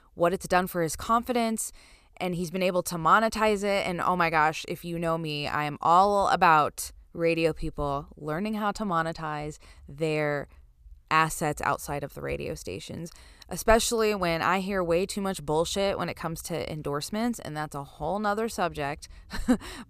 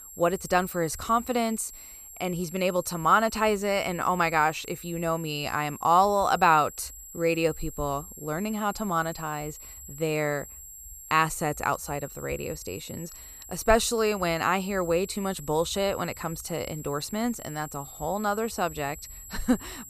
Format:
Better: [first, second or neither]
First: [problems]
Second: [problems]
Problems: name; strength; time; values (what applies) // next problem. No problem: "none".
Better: first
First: none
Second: high-pitched whine; noticeable; throughout; 7.5 kHz, 15 dB below the speech